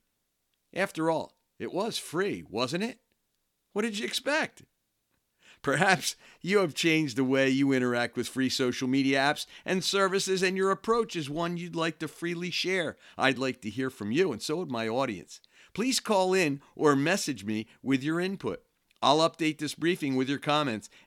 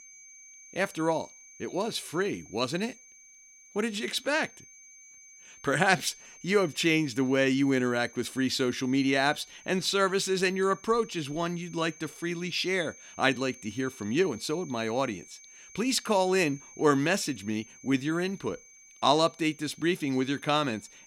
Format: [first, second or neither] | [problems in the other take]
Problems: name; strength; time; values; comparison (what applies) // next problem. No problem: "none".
first | high-pitched whine; faint; throughout; 6.5 kHz, 20 dB below the speech